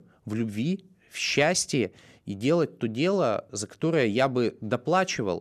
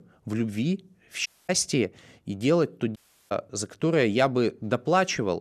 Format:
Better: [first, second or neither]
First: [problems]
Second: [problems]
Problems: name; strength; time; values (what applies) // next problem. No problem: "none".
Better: first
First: none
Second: audio cutting out; at 1.5 s and at 3 s